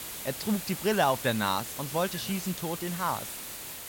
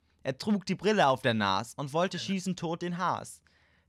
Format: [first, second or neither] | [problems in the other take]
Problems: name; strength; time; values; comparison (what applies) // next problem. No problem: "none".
second | hiss; loud; throughout; 6 dB below the speech